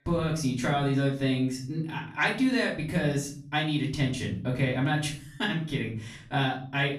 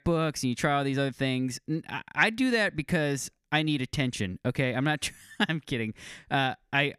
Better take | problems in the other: second | off-mic speech; far // room echo; slight; dies away in 0.5 s

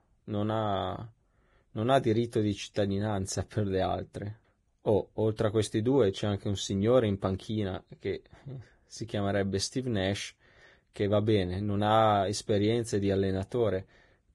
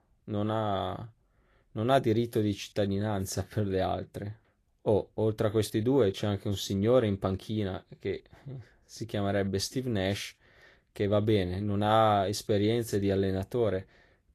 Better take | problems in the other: second | garbled, watery; badly; nothing above 11 kHz; slightly in the second

